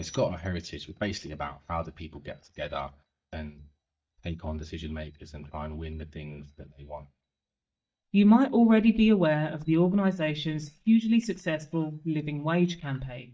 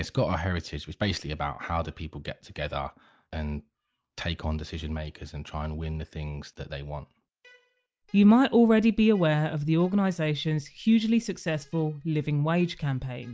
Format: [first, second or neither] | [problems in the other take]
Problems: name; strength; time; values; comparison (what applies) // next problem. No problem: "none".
second | noise reduction (neural mask model DeepFilterNet 3)